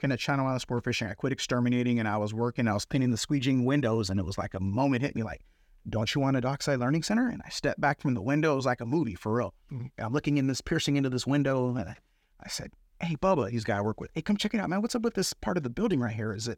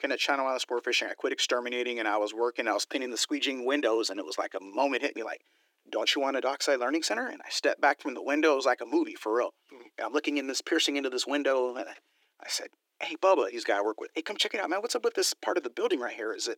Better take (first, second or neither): first